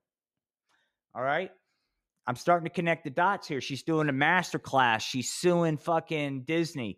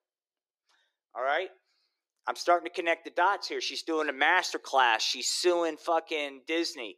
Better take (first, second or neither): first